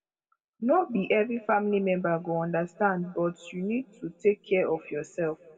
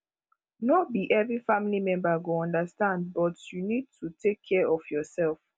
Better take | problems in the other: second | room echo; dies away in 1.7 s

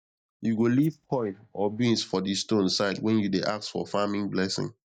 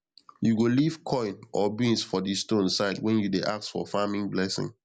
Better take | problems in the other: second | noise reduction (neural mask model DeepFilterNet 3)

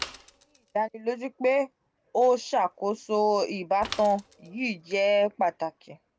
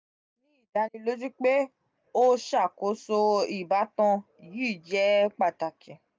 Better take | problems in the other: second | background sound (Mechanisms / Bicycle); 19 dB below the speech

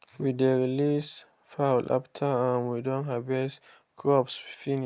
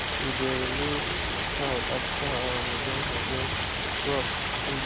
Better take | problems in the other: first | background sound (Stream); 5 dB above the speech

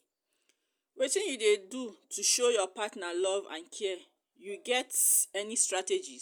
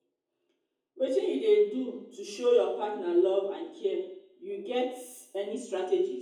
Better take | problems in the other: first | room echo; dies away in 0.7 s

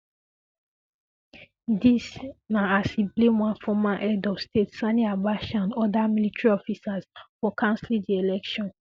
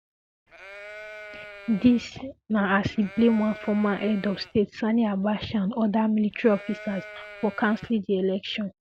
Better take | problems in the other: first | background sound (Livestock, farm animals, working animals); 17 dB below the speech

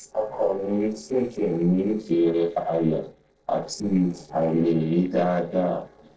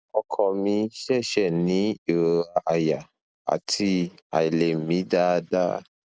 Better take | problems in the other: second | noise reduction (neural separator model SepFormer DNS4)

